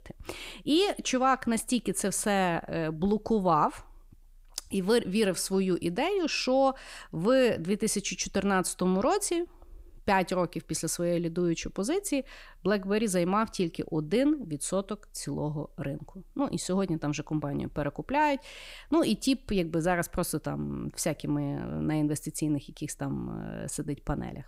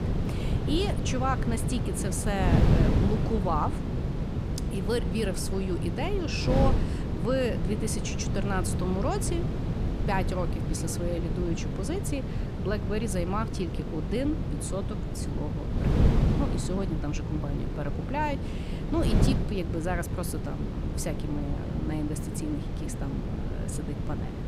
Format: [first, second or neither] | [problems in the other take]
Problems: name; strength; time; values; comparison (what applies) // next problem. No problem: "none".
first | wind noise on the microphone; heavy; 4 dB below the speech